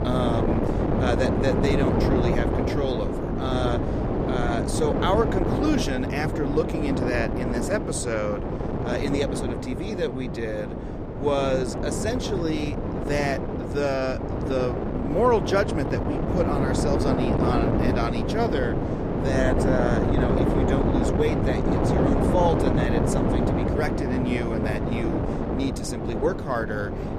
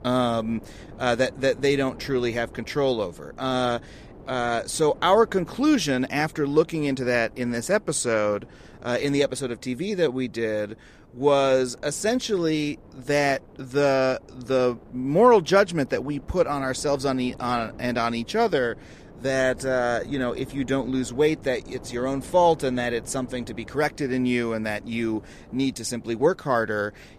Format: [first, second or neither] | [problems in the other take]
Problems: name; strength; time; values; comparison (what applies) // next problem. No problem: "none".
second | wind noise on the microphone; heavy; as loud as the speech; occasional gusts in the second